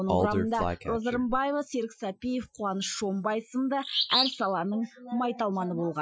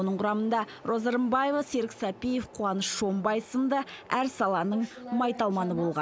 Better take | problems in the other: second | noise reduction (classical method Wiener filter)

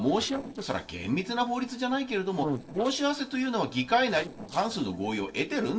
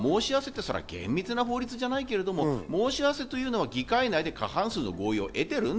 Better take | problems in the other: second | noise reduction (neural separator model SepFormer DNS4)

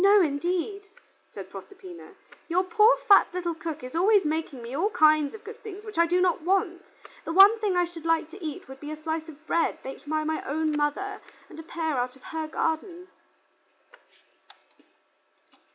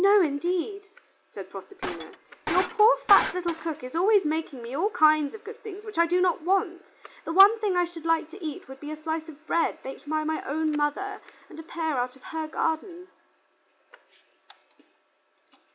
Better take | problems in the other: first | background sound (Shatter); 8 dB below the speech

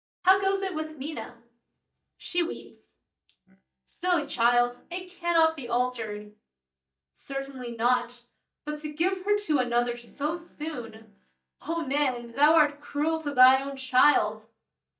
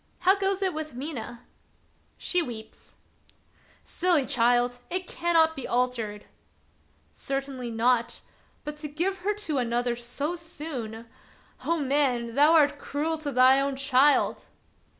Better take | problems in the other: second | noise reduction (neural mask model DeepFilterNet 3)

